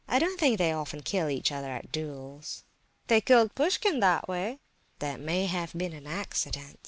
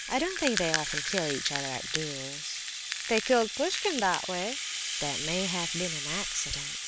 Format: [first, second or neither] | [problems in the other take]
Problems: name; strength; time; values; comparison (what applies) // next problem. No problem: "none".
first | background sound (Rattle (instrument)); 2 dB below the speech